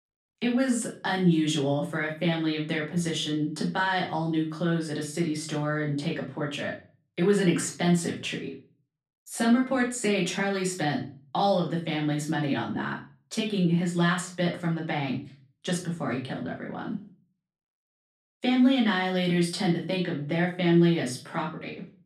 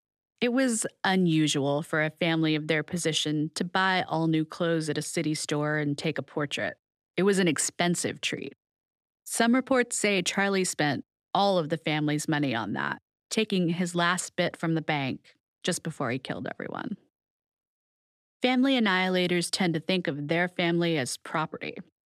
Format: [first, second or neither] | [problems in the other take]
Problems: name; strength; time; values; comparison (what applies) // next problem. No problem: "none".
second | off-mic speech; far // room echo; slight; dies away in 0.3 s